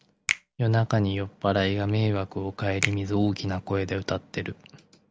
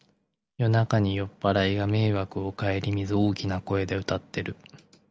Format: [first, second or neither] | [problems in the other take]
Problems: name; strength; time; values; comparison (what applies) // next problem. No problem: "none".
second | background sound (Finger snapping); 11 dB below the speech